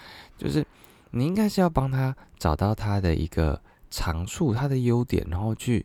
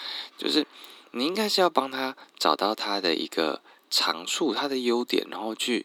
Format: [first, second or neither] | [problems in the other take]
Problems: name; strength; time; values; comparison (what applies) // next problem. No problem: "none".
first | thin; somewhat; fading below 250 Hz